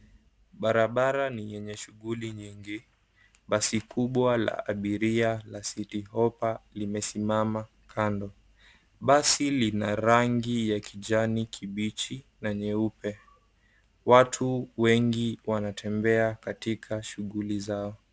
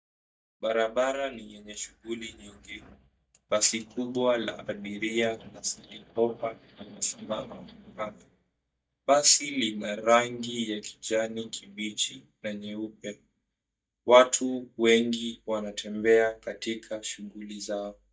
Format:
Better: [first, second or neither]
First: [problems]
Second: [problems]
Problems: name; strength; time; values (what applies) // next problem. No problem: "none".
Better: first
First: none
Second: noise reduction (neural mask model DeepFilterNet 3)